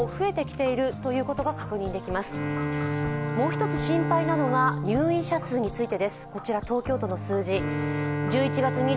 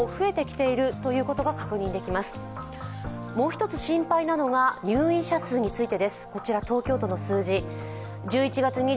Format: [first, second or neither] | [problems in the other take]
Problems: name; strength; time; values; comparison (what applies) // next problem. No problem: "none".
second | background sound (Bowed string instrument); 4 dB below the speech